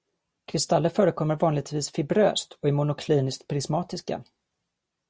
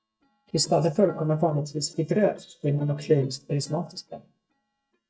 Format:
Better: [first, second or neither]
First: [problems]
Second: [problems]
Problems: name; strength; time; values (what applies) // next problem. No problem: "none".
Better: first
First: none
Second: noise reduction (neural mask model DeepFilterNet 3)